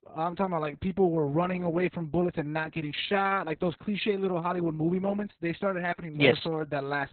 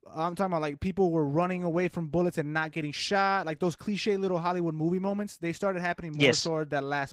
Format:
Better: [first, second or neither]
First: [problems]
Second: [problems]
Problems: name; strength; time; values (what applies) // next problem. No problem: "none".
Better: second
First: garbled, watery; badly; nothing above 4 kHz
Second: garbled, watery; slightly; nothing above 15.5 kHz